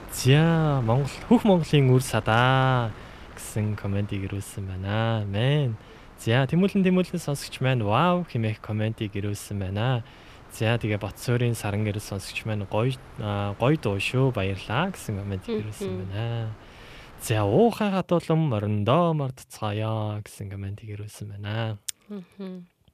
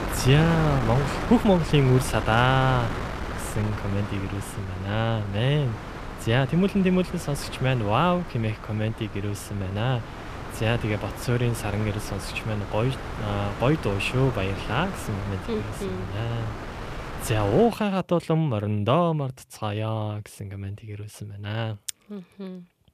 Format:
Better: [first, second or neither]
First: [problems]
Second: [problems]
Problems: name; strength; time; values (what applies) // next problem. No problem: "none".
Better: first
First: wind noise on the microphone; occasional gusts; until 18 s; 20 dB below the speech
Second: wind noise on the microphone; heavy; until 18 s; 7 dB below the speech